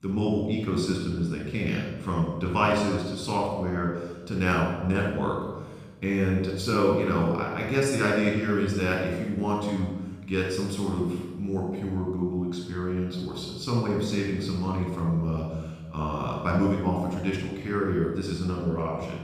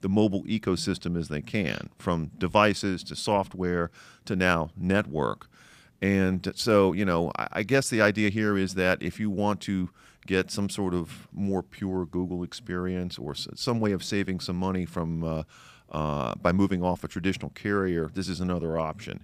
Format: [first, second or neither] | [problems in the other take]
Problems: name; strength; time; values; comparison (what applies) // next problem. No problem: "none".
second | off-mic speech; far // room echo; strong; dies away in 1.1 s